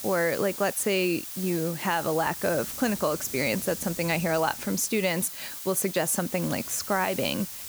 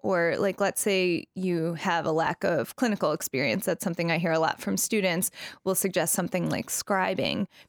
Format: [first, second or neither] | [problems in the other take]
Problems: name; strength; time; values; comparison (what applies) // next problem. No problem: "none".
second | hiss; loud; throughout; 8 dB below the speech